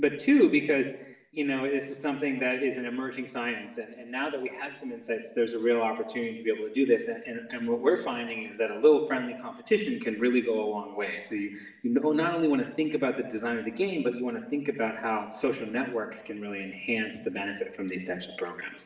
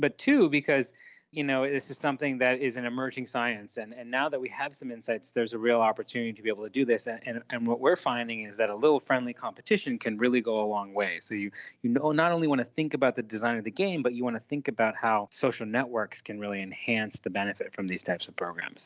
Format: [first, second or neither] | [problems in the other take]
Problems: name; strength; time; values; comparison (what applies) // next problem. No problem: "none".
second | room echo; dies away in 0.8 s